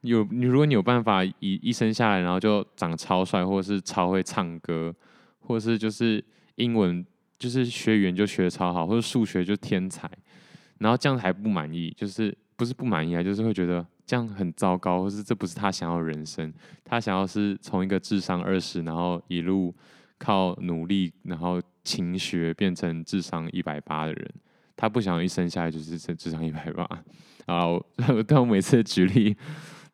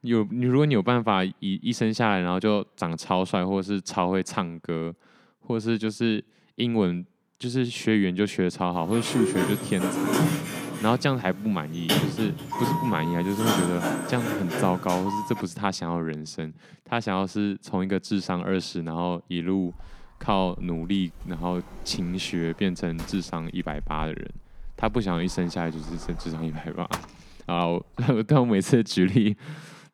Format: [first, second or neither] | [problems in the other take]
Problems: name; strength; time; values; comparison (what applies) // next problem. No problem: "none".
first | door banging; loud; from 9 to 15 s; peak 3 dB above the speech // door banging; noticeable; from 20 to 28 s; peak 8 dB below the speech